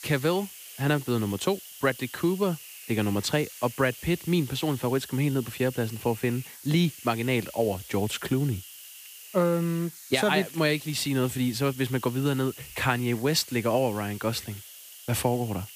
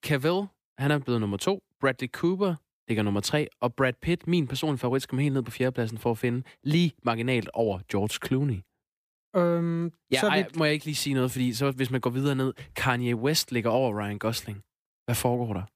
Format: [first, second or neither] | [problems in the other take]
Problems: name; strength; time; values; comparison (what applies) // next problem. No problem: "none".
second | hiss; noticeable; throughout; 15 dB below the speech